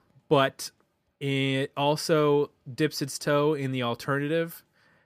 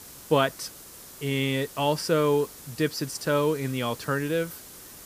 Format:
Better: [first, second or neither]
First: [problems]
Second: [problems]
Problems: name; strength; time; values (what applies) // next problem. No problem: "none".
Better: first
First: none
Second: hiss; noticeable; throughout; 15 dB below the speech